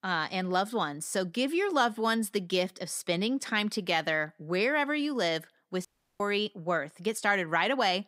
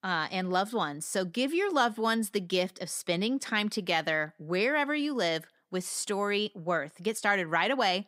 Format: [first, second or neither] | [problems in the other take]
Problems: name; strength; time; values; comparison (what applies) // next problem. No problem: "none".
second | audio cutting out; at 6 s